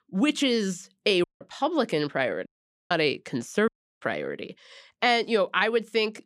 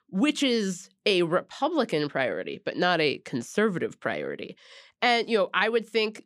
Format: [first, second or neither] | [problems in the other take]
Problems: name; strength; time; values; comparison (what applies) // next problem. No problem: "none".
second | audio cutting out; at 1 s, at 2.5 s and at 3.5 s